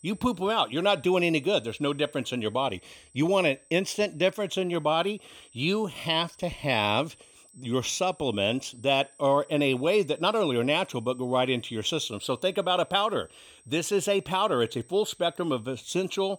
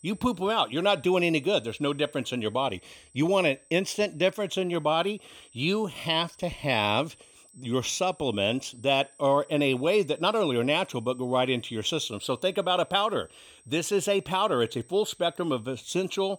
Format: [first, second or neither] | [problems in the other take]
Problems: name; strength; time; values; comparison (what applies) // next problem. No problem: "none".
neither | high-pitched whine; faint; throughout; 8 kHz, 30 dB below the speech; the same in both